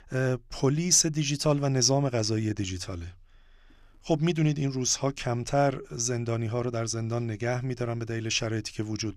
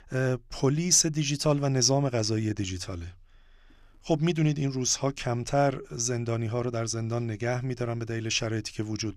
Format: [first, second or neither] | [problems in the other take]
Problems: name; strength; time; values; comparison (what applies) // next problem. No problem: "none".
neither | none